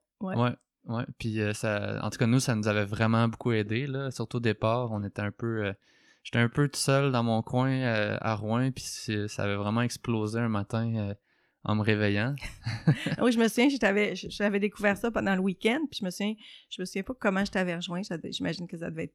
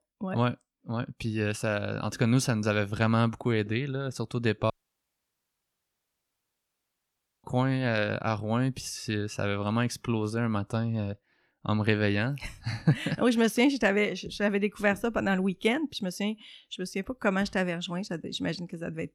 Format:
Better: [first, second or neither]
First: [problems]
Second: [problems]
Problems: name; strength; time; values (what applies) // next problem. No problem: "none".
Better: first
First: none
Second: audio cutting out; at 4.5 s for 2.5 s